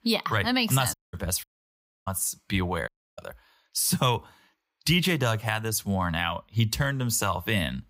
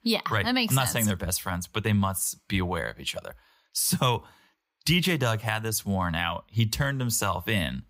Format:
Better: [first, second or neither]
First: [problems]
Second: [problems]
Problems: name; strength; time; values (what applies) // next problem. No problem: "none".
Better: second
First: audio cutting out; at 1 s, at 1.5 s for 0.5 s and at 3 s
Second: none